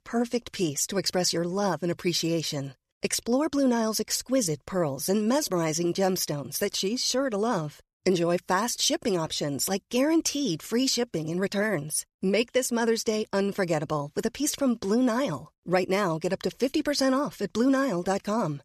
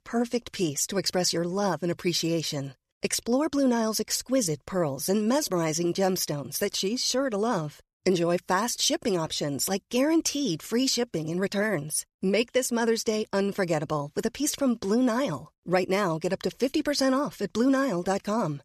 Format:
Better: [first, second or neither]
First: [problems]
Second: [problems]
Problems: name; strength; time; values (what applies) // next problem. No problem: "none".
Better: neither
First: none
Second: none